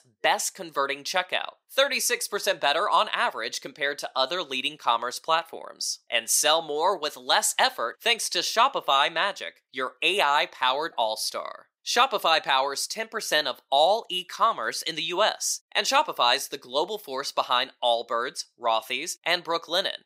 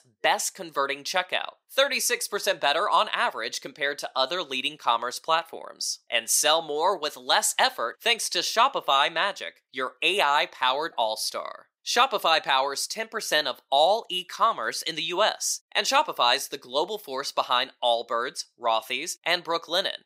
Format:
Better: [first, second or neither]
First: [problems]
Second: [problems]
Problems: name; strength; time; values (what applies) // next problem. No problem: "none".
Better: neither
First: thin; somewhat; fading below 500 Hz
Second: thin; somewhat; fading below 500 Hz